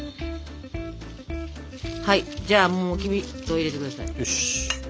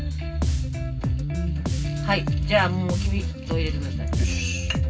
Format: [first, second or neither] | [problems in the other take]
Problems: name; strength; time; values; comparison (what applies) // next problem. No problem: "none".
first | background sound (Bass guitar); 1 dB above the speech // room echo; dies away in 0.4 s